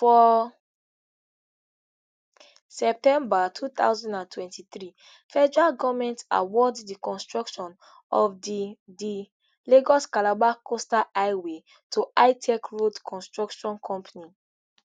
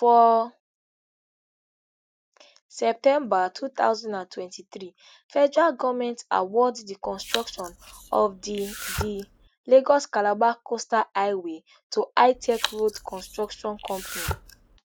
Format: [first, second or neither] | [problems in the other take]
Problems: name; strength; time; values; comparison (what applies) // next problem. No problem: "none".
first | background sound (Domestic sounds, home sounds); 11 dB below the speech